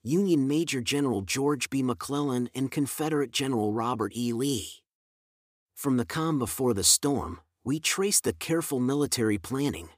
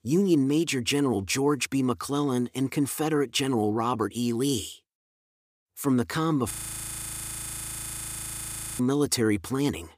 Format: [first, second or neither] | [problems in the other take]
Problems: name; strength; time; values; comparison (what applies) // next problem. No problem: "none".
first | audio freezing; at 6.5 s for 2.5 s